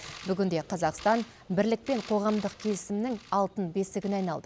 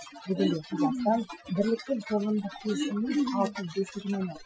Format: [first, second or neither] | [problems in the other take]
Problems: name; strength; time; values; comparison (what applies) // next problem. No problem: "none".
first | noise reduction (classical method Wiener filter)